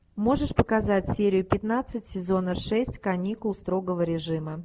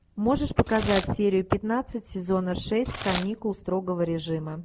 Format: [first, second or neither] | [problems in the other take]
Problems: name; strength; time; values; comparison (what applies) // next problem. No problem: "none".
first | background sound (Packing tape, duct tape / Tearing); 13 dB below the speech